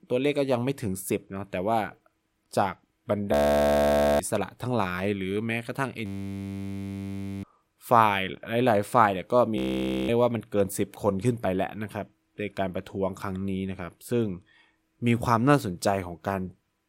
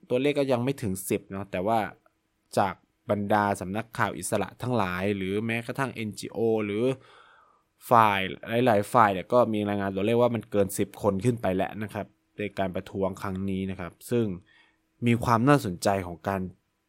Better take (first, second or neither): second